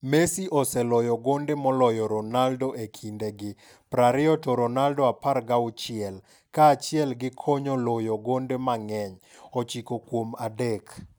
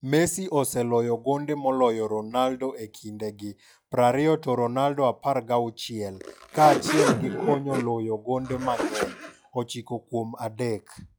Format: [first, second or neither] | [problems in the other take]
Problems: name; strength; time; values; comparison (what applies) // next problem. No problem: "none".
first | noise reduction (classical method log-MMSE)